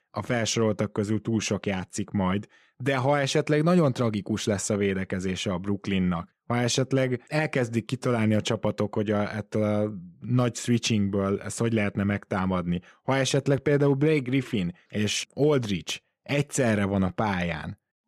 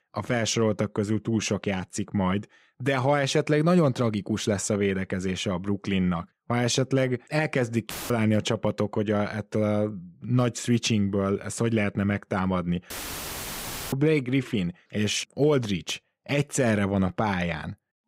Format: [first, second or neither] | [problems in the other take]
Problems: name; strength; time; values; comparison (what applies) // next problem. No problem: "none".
first | audio cutting out; filled with static; at 8 s and at 13 s for 1 s